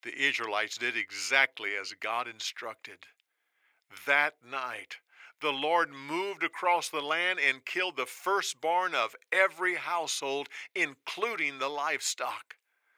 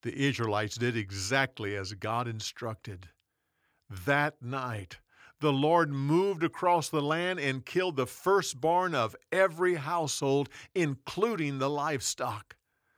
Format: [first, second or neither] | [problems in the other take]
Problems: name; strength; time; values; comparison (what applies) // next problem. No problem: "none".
second | thin; very; fading below 550 Hz